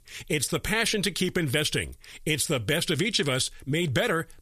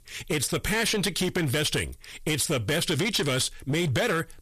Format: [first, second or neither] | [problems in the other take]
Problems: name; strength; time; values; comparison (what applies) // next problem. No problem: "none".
first | distortion; slight; 13% of the sound clipped